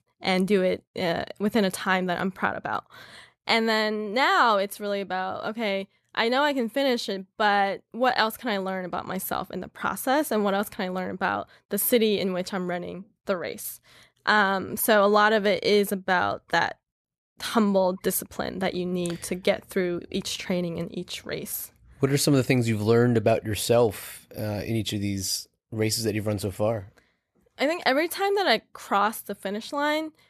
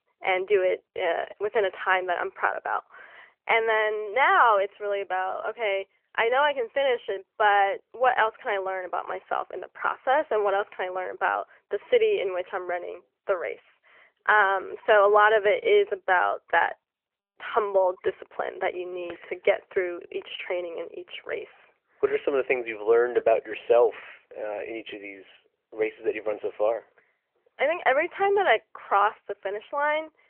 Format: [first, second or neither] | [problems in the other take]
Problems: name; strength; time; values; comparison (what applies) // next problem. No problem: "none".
first | phone-call audio; nothing above 3 kHz